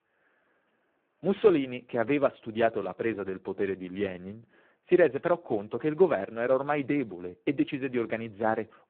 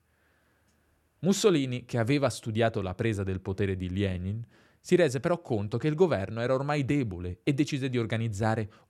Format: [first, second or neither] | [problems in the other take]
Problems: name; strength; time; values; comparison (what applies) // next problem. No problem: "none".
second | phone-call audio; poor line